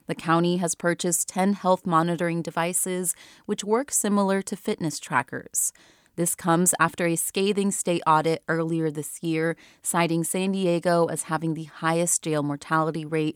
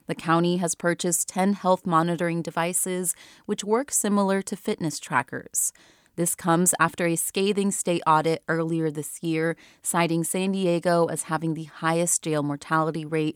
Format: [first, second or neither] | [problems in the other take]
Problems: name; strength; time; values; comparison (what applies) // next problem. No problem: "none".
neither | none